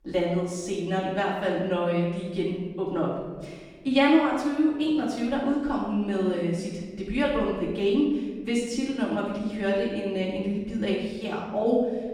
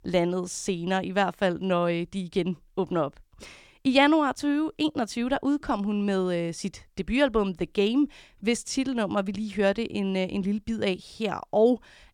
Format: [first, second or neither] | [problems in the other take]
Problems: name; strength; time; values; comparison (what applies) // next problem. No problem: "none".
second | off-mic speech; far // room echo; noticeable; dies away in 1.3 s